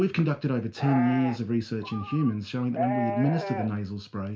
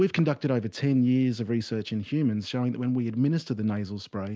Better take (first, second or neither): second